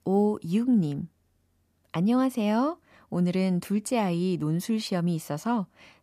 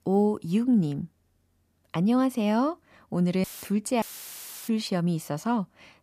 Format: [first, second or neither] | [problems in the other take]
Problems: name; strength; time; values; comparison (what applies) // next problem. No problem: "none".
first | audio cutting out; filled with static; at 3.5 s and at 4 s for 0.5 s